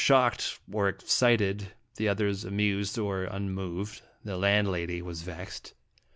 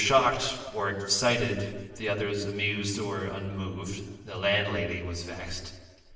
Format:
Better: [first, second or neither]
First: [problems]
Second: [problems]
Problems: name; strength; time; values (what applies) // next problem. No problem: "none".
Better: first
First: none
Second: room echo; dies away in 1.3 s